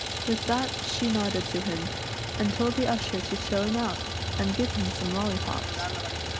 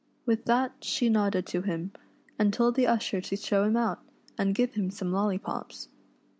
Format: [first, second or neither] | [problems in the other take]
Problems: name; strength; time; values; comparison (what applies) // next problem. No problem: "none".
second | background sound (Idling); 2 dB below the speech